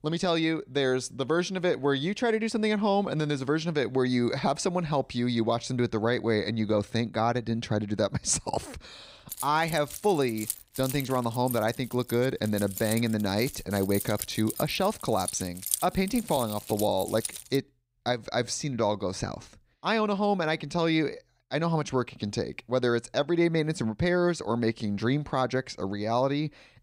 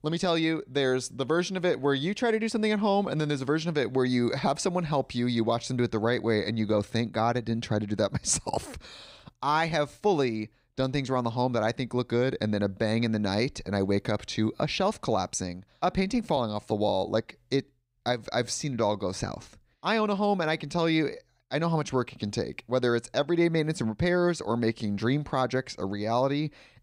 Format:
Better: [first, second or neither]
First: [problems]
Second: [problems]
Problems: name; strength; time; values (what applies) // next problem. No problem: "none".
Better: second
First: jangling keys; noticeable; from 9.5 to 17 s; peak 1 dB below the speech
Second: none